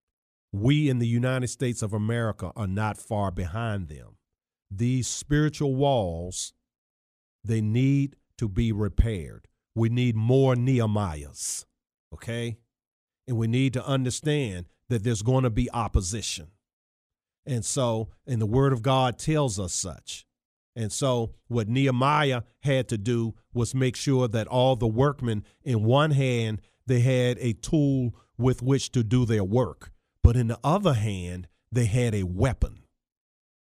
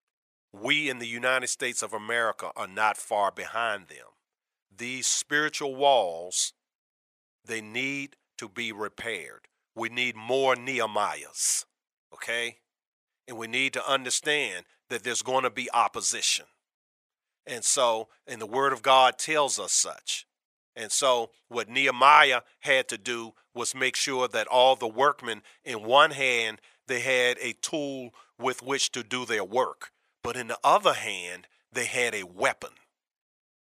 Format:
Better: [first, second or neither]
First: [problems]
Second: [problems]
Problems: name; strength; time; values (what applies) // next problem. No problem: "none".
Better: first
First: none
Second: thin; very; fading below 800 Hz